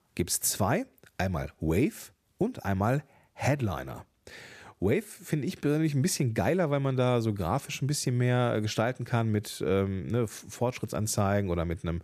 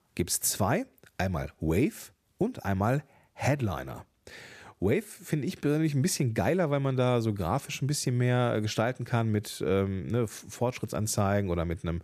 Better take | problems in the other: neither | none

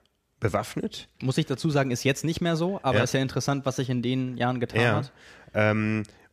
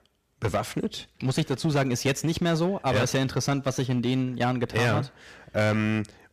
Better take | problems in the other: first | distortion; slight; 8% of the sound clipped

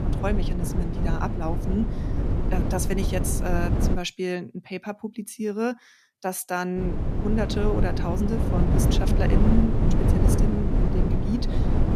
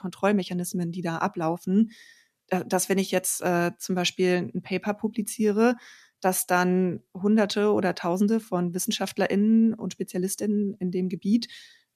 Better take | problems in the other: second | wind noise on the microphone; heavy; until 4 s and from 7 s on; 2 dB below the speech

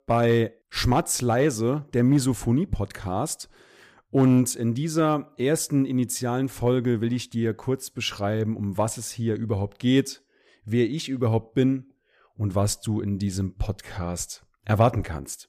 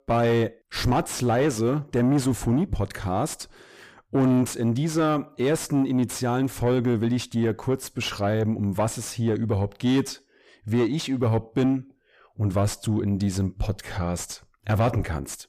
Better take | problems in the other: first | distortion; slight; 9 dB below the speech

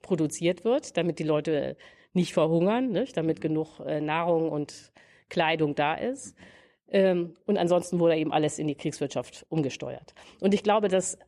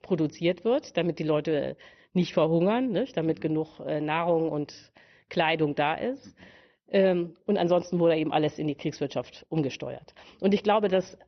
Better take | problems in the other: first | garbled, watery; slightly; nothing above 6 kHz

